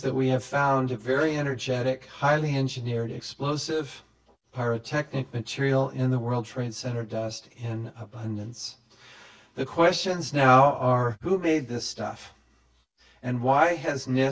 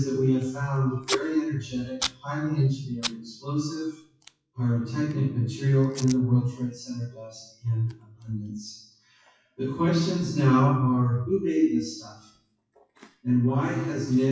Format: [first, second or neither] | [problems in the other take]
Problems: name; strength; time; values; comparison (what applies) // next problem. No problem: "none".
first | noise reduction (classical method WPE with log-MMSE)